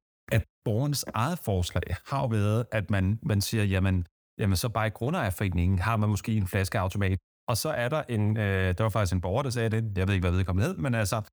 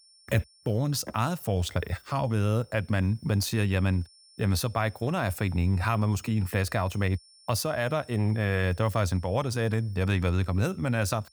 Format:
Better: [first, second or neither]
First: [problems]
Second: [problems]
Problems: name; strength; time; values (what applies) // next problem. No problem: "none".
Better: first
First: none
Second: high-pitched whine; faint; throughout; 5.5 kHz, 25 dB below the speech